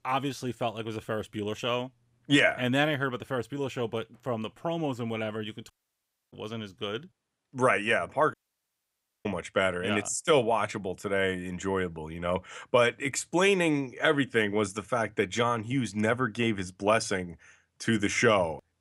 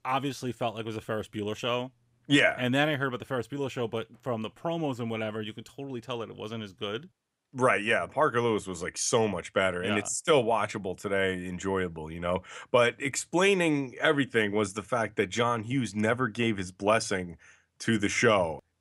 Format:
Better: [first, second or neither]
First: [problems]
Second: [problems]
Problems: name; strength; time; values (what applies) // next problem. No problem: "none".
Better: second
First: audio cutting out; at 5.5 s for 0.5 s and at 8.5 s for 1 s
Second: none